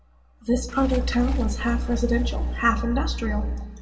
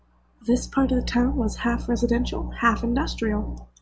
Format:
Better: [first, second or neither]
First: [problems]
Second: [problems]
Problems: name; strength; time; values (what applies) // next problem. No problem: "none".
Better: second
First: background sound (Waves, surf); 18 dB below the speech // room echo; dies away in 1 s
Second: none